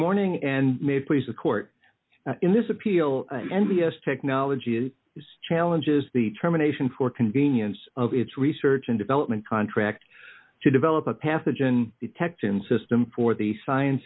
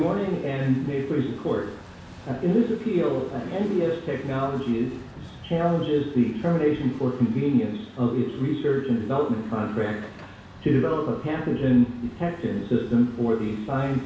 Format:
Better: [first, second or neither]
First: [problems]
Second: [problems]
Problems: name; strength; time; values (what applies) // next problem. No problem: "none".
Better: first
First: none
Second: background sound (Truck); 18 dB below the speech // room echo; dies away in 0.7 s